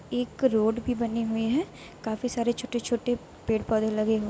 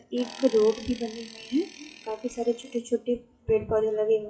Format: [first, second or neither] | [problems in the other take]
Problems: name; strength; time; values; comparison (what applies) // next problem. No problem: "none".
first | noise reduction (classical method WPE with log-MMSE)